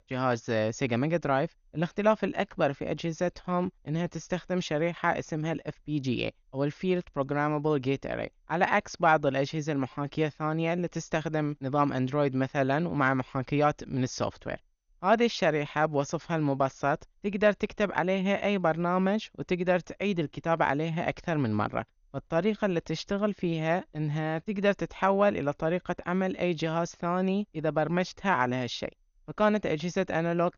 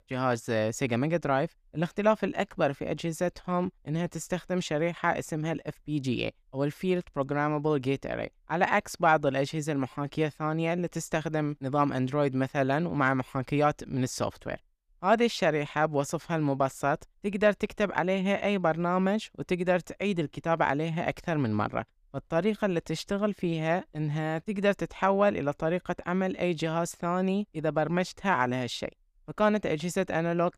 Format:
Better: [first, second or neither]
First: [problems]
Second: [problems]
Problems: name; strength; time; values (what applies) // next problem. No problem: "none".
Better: second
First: garbled, watery; slightly; nothing above 6.5 kHz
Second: none